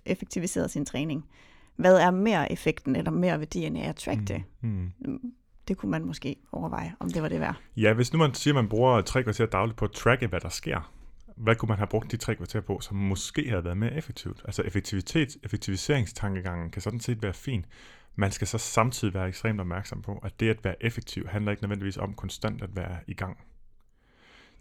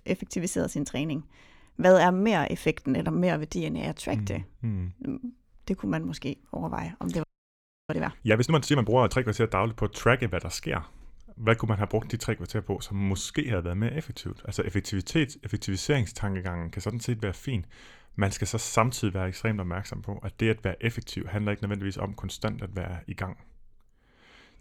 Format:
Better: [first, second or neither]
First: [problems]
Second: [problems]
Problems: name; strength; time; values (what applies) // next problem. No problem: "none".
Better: first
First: none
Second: audio freezing; at 7 s for 0.5 s